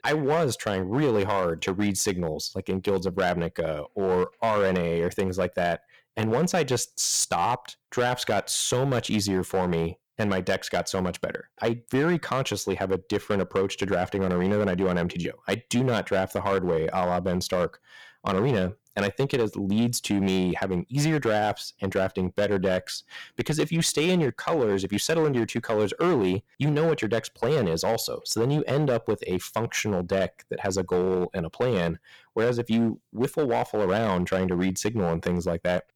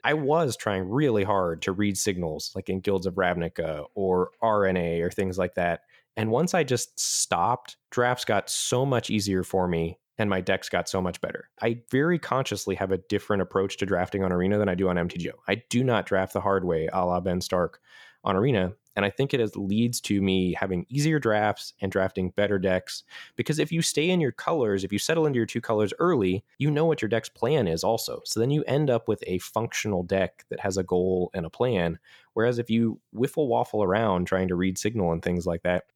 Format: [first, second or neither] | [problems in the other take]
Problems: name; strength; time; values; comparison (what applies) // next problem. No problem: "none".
second | distortion; slight; 7% of the sound clipped